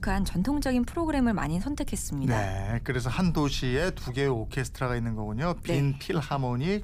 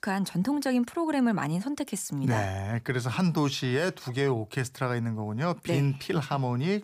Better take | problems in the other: second | low rumble; faint; throughout; 25 dB below the speech

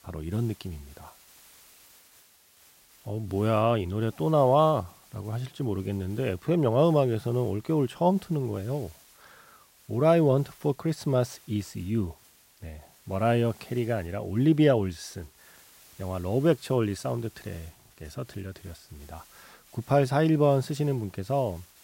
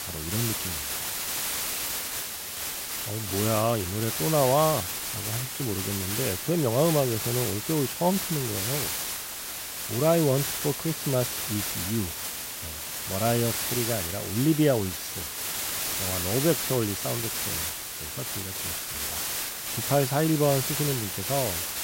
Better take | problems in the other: first | hiss; loud; throughout; 2 dB below the speech; faint in the first

